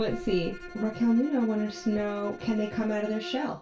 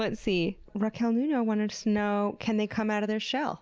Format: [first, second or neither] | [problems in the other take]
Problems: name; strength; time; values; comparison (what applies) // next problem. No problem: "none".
second | background sound (Bowed string instrument); 14 dB below the speech // room echo; dies away in 0.2 s